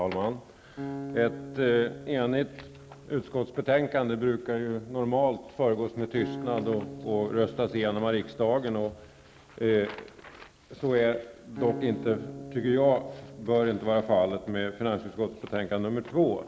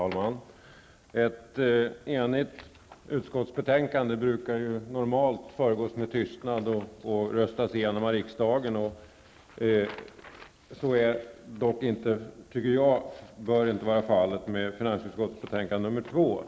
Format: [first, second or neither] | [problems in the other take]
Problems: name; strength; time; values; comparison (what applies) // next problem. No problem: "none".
second | background sound (Acoustic guitar); 15 dB below the speech